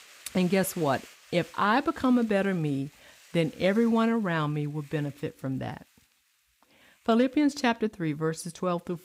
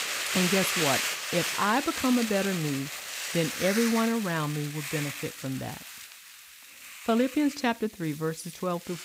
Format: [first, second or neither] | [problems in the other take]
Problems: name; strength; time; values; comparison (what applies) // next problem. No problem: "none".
first | hiss; loud; throughout; 2 dB below the speech; faint in the first